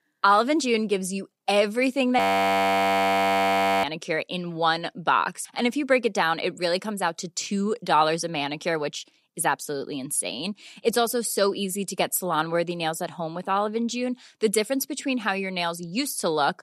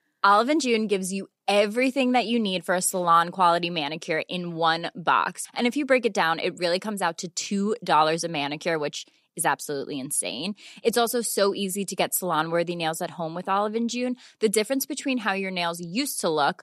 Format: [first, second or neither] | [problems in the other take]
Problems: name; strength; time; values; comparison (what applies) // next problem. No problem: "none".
second | audio freezing; at 2 s for 1.5 s